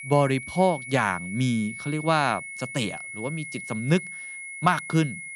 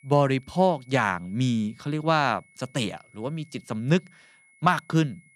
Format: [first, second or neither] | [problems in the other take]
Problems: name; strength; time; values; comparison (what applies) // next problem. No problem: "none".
second | high-pitched whine; loud; throughout; 2 kHz, 10 dB below the speech; faint in the second